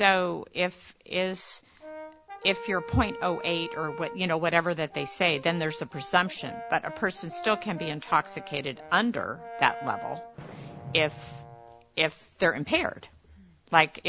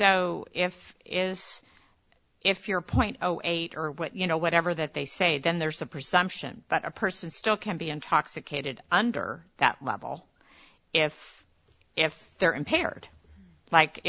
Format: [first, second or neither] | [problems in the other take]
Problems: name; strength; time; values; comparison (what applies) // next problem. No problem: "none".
second | background sound (Fireworks + Brass instrument); 14 dB below the speech